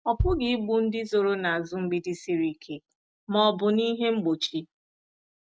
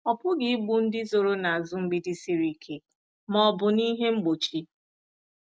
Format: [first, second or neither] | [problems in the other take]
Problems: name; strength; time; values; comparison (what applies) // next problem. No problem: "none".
second | background sound (Bass drum); 8 dB below the speech